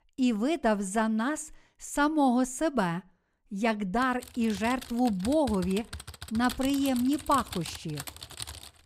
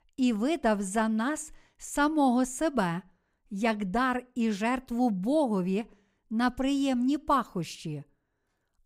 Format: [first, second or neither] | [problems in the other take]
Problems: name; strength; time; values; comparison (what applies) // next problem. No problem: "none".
second | keyboard typing; faint; from 4 s on; peak 10 dB below the speech